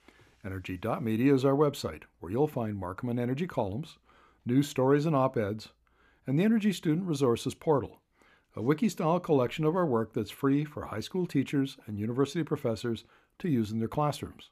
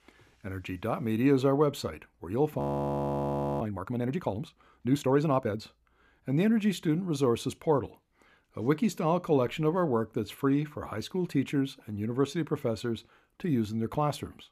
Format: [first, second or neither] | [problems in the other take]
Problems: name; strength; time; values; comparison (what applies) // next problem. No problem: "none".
first | audio freezing; at 2.5 s for 1 s